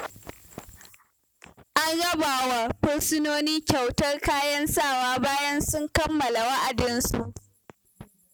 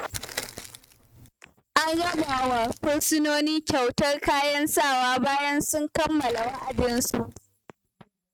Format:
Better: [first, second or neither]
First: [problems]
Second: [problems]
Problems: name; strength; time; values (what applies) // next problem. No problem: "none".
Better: first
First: none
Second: noise reduction (neural mask model RNNoise)